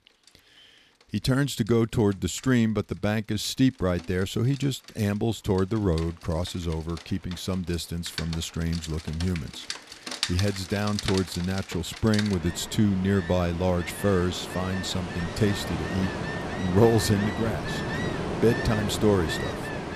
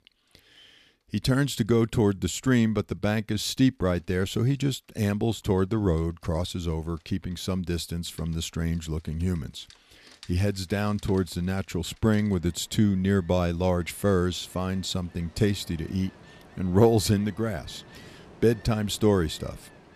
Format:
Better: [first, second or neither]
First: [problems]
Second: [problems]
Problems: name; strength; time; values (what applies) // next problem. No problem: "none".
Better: second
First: rain or running water; loud; throughout; 7 dB below the speech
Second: rain or running water; faint; throughout; 25 dB below the speech